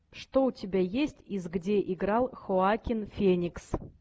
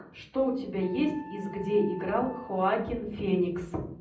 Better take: first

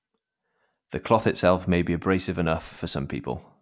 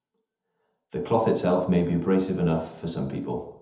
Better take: first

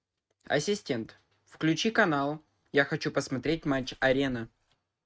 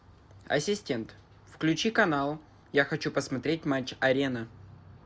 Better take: second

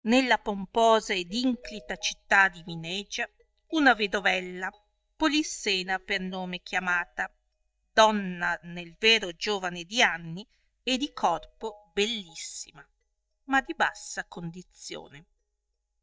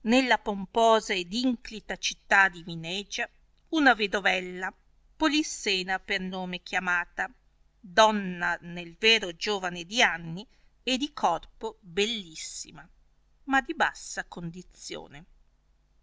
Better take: second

